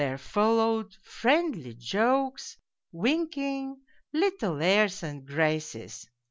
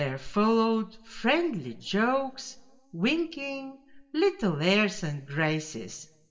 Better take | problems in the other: first | room echo; dies away in 0.6 s

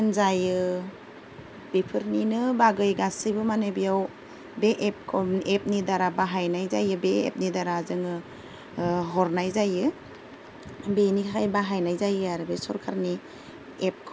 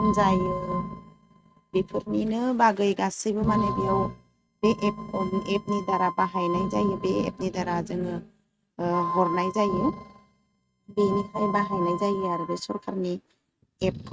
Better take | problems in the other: first | noise reduction (neural mask model RNNoise)

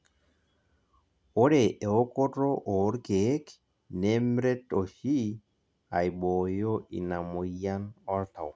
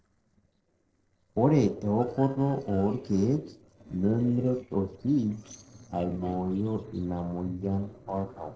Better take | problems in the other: first | noise reduction (neural separator model SepFormer DNS4)

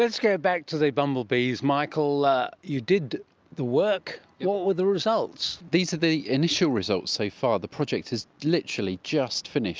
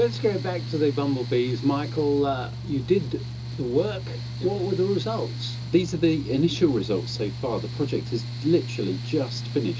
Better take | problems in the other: first | background sound (Mechanical fan); 7 dB below the speech // room echo; dies away in 0.2 s

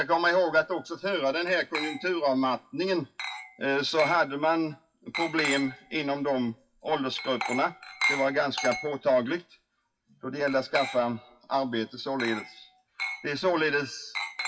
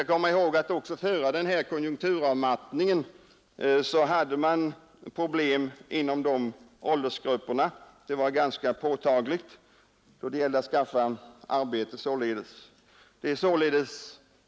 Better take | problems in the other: second | noise reduction (classical method WPE with log-MMSE)

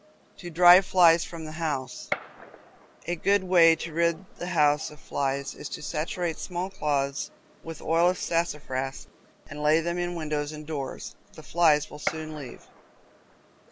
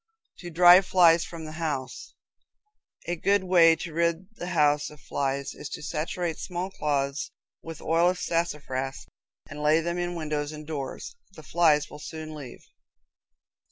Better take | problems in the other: second | background sound (Gunshot, gunfire); 18 dB below the speech

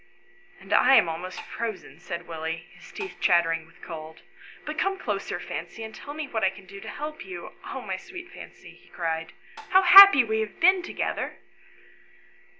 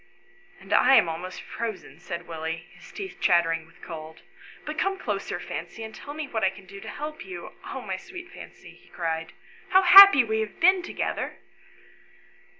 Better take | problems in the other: second | background sound (Tap); 18 dB below the speech

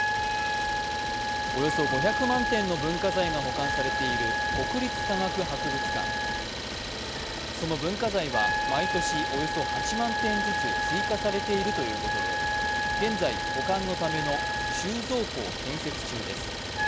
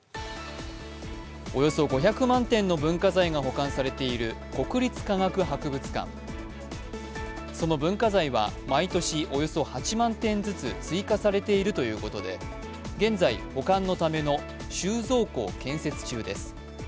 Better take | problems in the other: second | background sound (Idling + Wind instrument, woodwind instrument); 2 dB above the speech

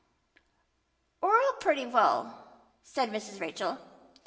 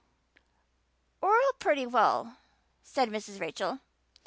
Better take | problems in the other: second | room echo; dies away in 0.9 s

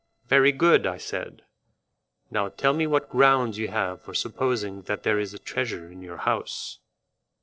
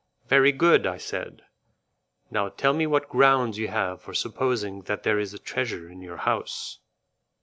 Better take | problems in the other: second | noise reduction (neural separator model SepFormer DNS4)

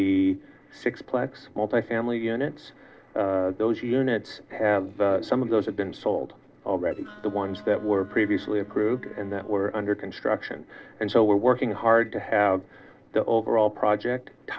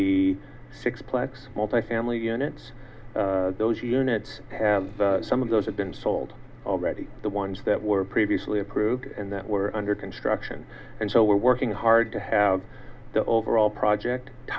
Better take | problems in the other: second | noise reduction (neural separator model SepFormer DNS4)

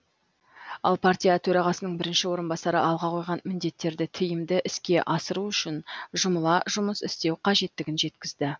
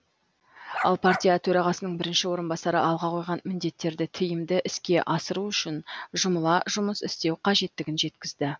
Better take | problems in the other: first | background sound (Bark); 6 dB below the speech

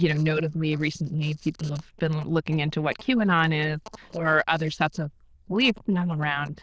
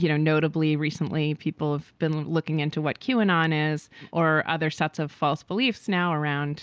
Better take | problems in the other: second | noise reduction (neural diffusion model UNIVERSE++)

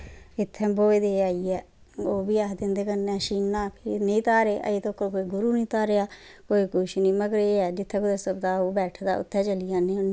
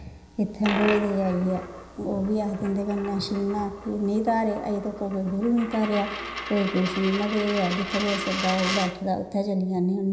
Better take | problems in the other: first | background sound (Coin (dropping)); 9 dB below the speech // room echo; dies away in 0.9 s

